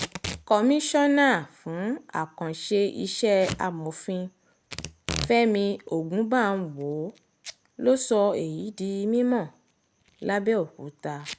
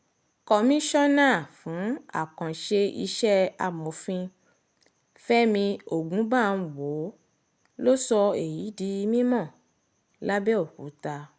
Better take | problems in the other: second | background sound (Packing tape, duct tape / Tearing); 15 dB below the speech

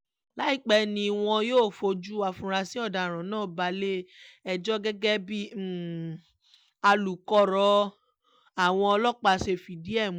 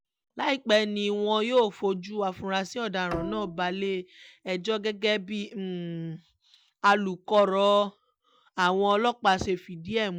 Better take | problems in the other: first | background sound (Bowed string instrument); 12 dB below the speech

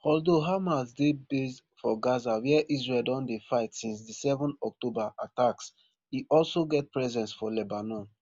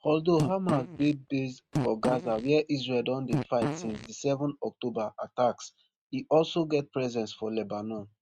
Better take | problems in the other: first | noise reduction (neural mask model RNNoise)

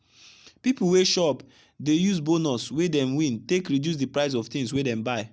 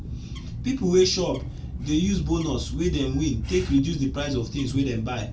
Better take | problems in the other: first | background sound (Bird); 7 dB below the speech // room echo; dies away in 0.2 s

